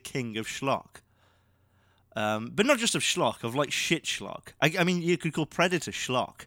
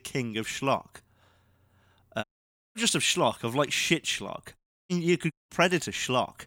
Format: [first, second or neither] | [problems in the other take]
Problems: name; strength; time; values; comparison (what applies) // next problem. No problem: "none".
first | audio cutting out; at 2 s for 0.5 s, at 4.5 s and at 5.5 s